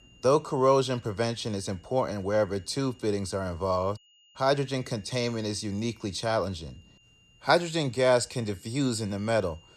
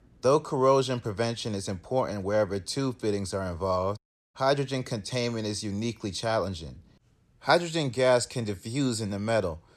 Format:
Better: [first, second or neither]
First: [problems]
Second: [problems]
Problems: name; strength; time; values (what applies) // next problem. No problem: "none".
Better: second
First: high-pitched whine; faint; throughout; 3 kHz, 30 dB below the speech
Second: none